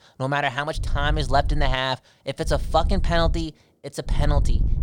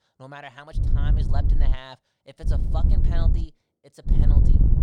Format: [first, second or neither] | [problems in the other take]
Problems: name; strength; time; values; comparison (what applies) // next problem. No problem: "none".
first | wind noise on the microphone; heavy; at 1 s, at 2.5 s and at 4 s; as loud as the speech; occasional gusts in the first